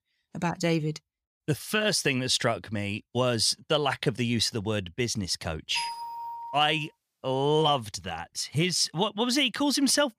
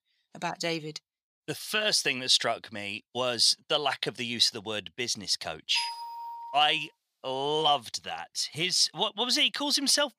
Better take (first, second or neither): first